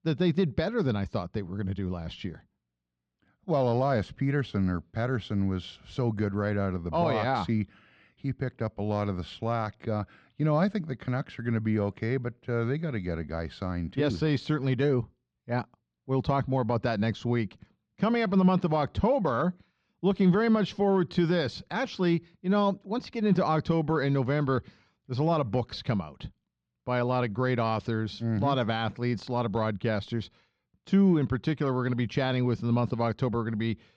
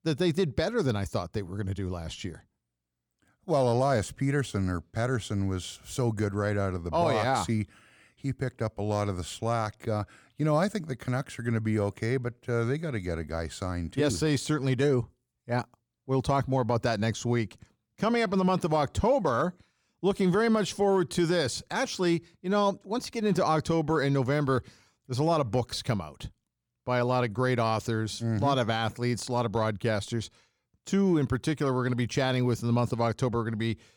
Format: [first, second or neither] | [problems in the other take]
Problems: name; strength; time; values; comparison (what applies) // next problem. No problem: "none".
second | muffled; very slightly; fading above 4.5 kHz